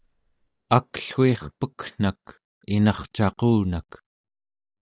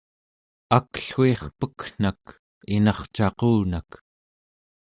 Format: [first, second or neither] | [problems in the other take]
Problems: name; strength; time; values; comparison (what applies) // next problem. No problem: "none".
second | noise reduction (neural mask model DeepFilterNet 3)